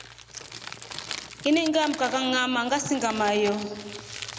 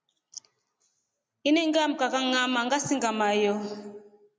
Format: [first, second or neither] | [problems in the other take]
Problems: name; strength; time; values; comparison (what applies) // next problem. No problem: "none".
second | background sound (Crumpling, crinkling); 12 dB below the speech